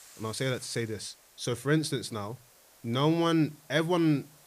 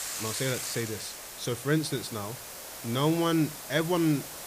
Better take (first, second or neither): first